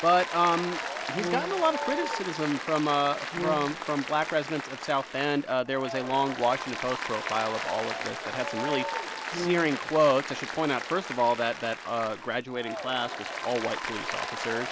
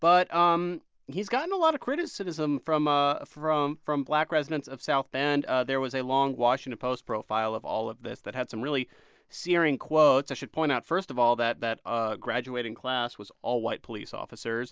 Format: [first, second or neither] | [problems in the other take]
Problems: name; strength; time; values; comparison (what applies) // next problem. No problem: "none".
second | background sound (Brass instrument + Applause); 6 dB below the speech